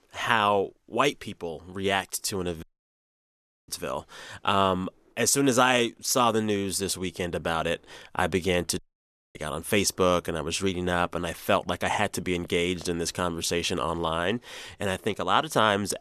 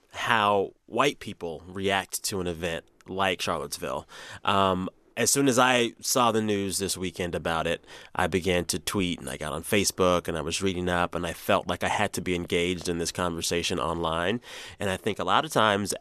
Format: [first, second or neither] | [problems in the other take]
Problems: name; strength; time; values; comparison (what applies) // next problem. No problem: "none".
second | audio cutting out; at 2.5 s for 1 s and at 9 s for 0.5 s